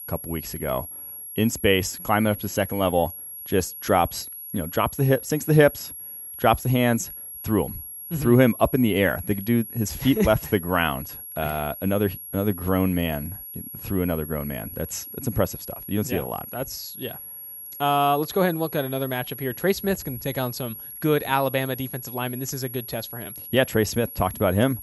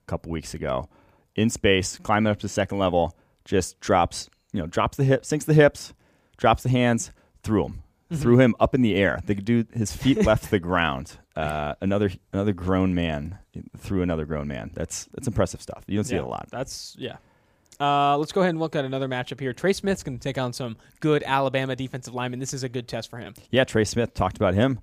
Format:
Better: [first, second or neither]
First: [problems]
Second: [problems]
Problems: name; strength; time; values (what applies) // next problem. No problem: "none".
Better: second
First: high-pitched whine; noticeable; throughout; 11.5 kHz, 10 dB below the speech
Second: none